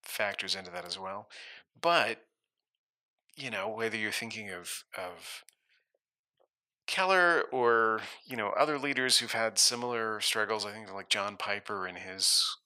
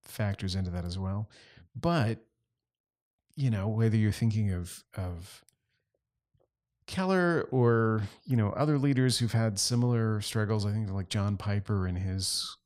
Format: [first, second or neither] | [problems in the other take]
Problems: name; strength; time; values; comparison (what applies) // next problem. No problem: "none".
second | thin; very; fading below 700 Hz